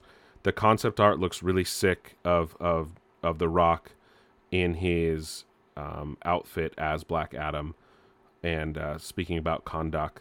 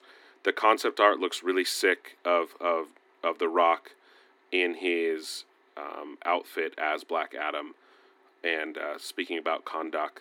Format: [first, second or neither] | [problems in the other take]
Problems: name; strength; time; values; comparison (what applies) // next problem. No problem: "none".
first | thin; somewhat; fading below 250 Hz